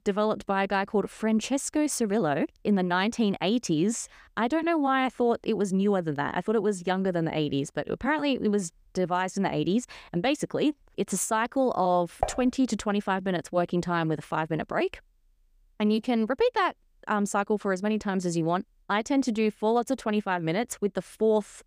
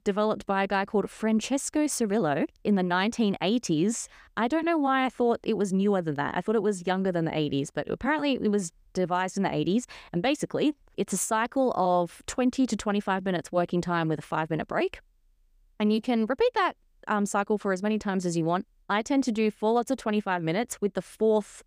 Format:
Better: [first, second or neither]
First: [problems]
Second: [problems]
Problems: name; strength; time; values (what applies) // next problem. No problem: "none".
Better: second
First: clattering dishes; noticeable; at 12 s; peak 6 dB below the speech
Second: none